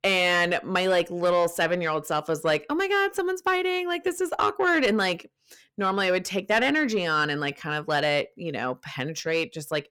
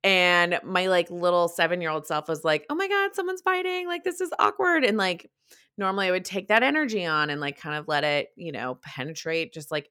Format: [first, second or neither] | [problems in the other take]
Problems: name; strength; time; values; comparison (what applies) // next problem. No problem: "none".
second | distortion; slight; 10 dB below the speech